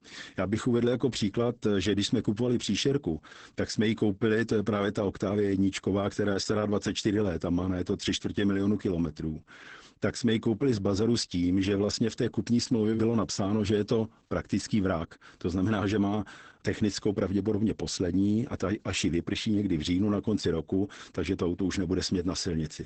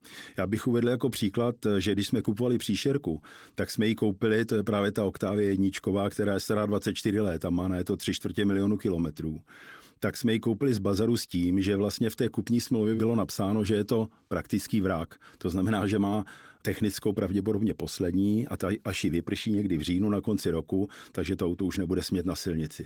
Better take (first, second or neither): second